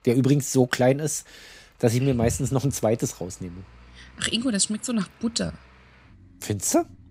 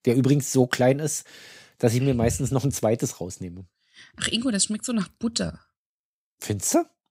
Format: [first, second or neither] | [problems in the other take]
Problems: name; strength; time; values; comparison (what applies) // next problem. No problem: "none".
second | traffic noise; faint; throughout; 30 dB below the speech